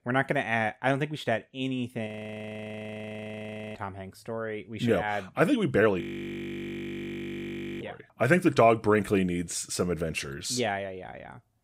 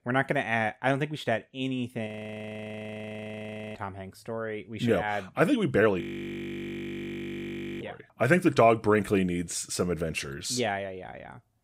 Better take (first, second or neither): neither